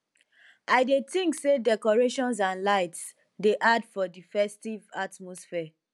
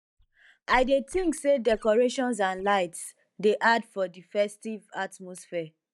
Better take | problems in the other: first | noise reduction (neural mask model DeepFilterNet 3)

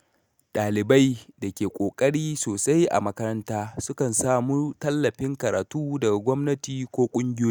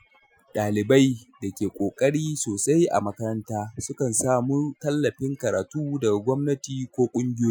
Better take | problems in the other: first | noise reduction (classical method Wiener filter)

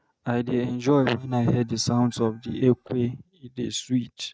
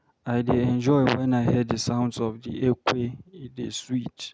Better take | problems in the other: second | noise reduction (neural mask model DeepFilterNet 3)

